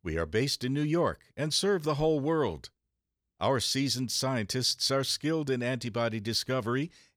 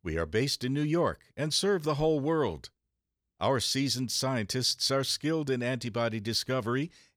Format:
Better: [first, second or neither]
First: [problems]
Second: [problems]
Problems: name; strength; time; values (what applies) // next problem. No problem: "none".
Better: neither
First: none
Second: none